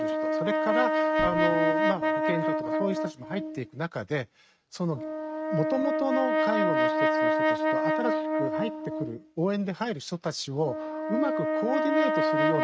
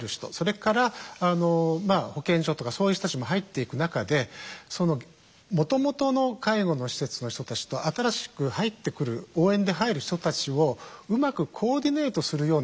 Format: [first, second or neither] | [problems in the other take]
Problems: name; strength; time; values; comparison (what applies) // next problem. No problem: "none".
second | noise reduction (neural mask model RNNoise)